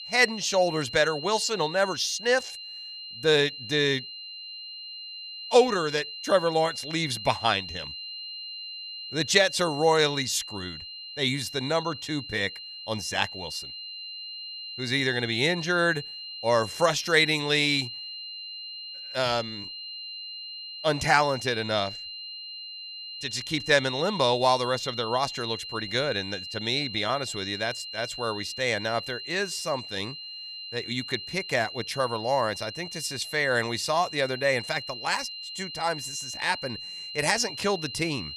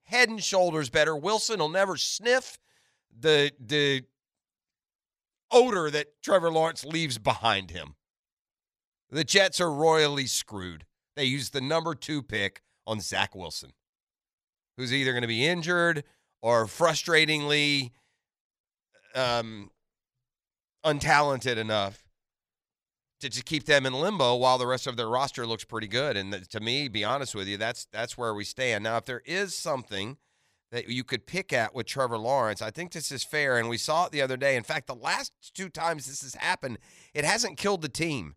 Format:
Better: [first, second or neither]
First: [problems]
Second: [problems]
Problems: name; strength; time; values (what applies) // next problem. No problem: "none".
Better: second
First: high-pitched whine; loud; throughout; 4 kHz, 10 dB below the speech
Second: none